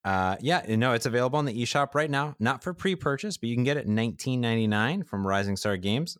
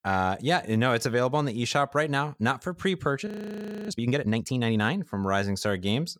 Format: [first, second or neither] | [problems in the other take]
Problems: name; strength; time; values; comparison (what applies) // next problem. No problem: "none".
first | audio freezing; at 3.5 s for 0.5 s